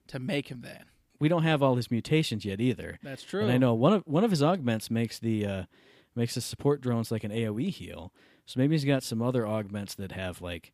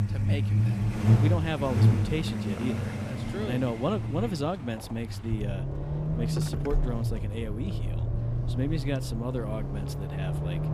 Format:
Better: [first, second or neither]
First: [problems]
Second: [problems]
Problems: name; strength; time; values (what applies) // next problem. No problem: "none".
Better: first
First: none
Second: traffic noise; very loud; throughout; 4 dB above the speech